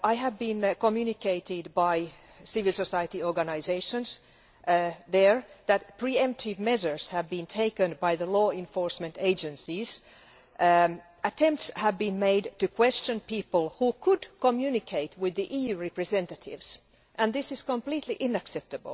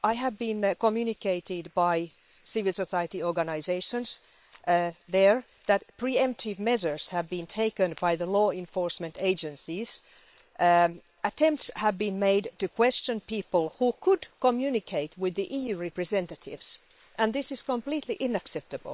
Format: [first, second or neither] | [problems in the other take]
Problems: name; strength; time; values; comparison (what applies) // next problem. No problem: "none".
first | noise reduction (neural separator model SepFormer WHAM!)